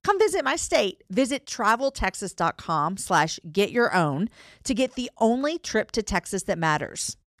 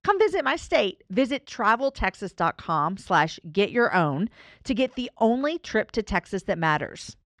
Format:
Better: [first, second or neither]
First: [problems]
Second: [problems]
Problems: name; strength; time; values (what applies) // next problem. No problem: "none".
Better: first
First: none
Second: muffled; slightly; fading above 3 kHz